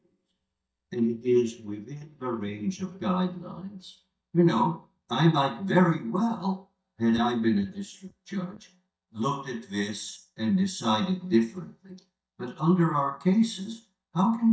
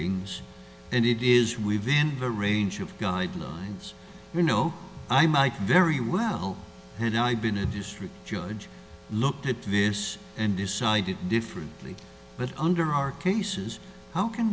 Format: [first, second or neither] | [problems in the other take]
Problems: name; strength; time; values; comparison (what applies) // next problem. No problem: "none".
second | noise reduction (neural mask model DeepFilterNet 3)